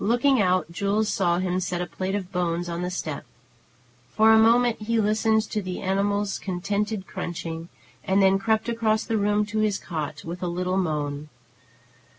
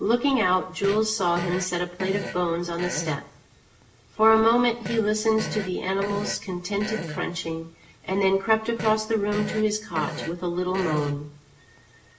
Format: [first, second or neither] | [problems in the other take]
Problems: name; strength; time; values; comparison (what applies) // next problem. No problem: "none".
first | background sound (Fart); 12 dB below the speech // room echo; dies away in 0.5 s